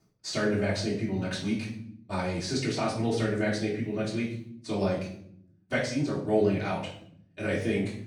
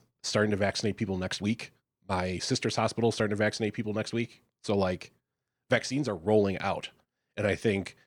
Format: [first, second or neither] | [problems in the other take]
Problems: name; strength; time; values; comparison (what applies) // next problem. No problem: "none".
second | off-mic speech; far // room echo; noticeable; dies away in 0.6 s